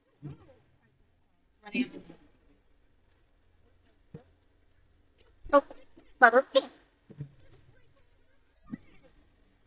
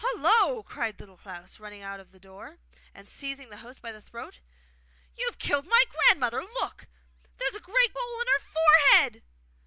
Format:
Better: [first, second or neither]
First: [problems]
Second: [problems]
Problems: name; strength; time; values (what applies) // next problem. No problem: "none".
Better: second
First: noise reduction (neural mask model DeepFilterNet 3)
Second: none